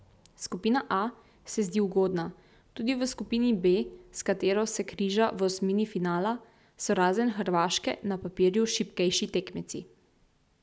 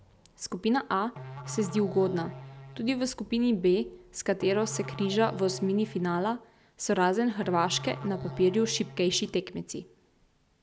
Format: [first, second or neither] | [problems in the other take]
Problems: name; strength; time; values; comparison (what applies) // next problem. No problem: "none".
first | background sound (Musical instrument); 13 dB below the speech